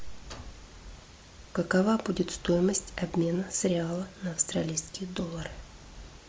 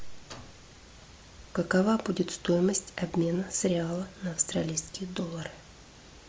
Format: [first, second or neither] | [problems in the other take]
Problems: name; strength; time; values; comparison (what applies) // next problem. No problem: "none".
second | background sound (Wind); 16 dB below the speech